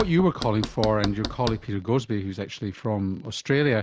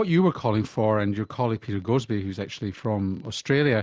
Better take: second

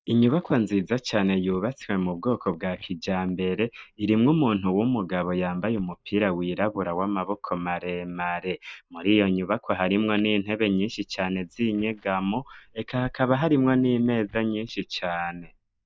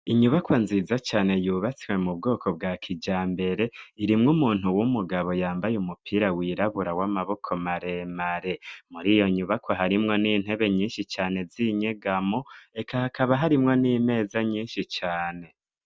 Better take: second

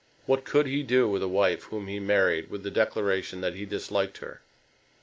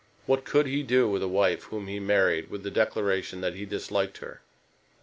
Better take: second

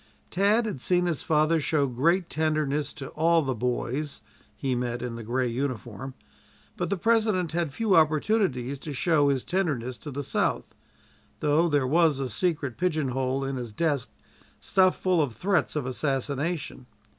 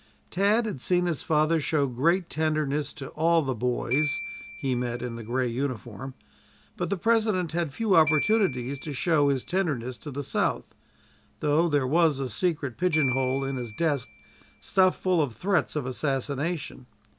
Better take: first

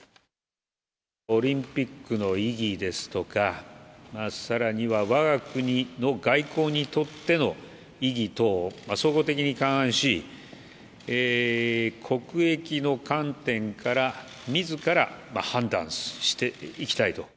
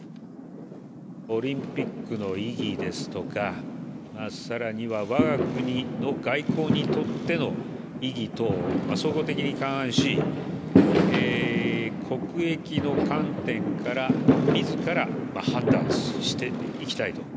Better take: first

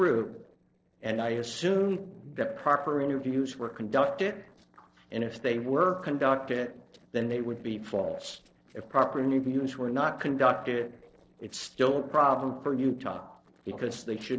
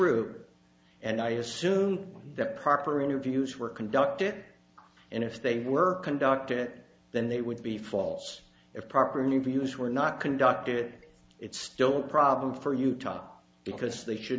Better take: second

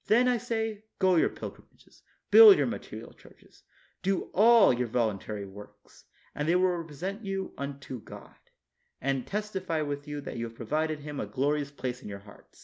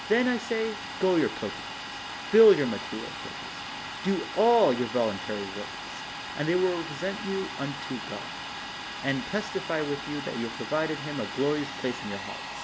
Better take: first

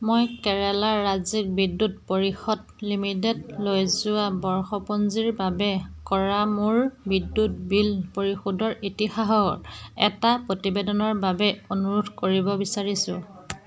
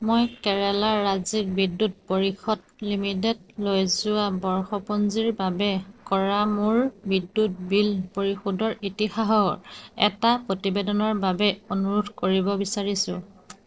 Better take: first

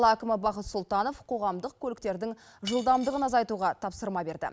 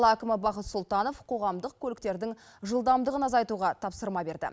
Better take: second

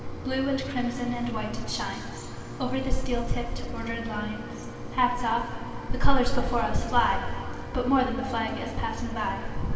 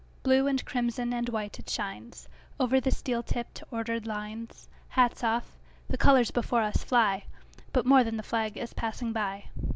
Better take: second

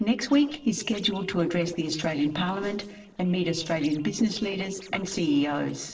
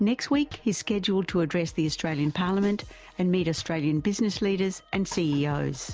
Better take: second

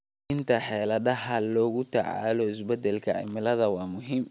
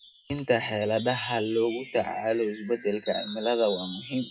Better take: first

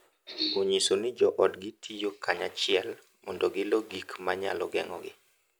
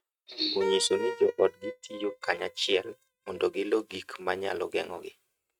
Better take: first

